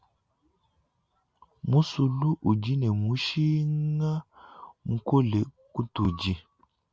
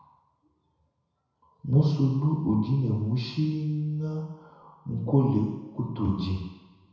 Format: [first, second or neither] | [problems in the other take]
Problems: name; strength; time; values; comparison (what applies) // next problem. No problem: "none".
first | room echo; dies away in 1 s